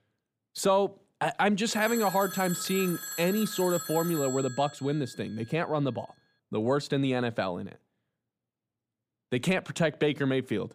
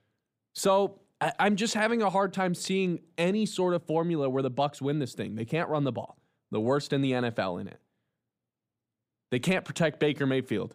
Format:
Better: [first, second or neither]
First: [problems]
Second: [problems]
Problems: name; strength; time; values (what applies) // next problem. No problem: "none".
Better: second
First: phone ringing; noticeable; from 1.5 to 5 s; peak 6 dB below the speech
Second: none